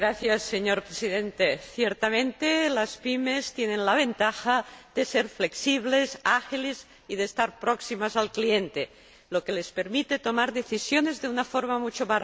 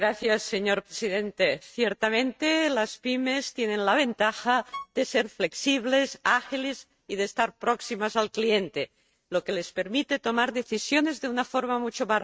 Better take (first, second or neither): first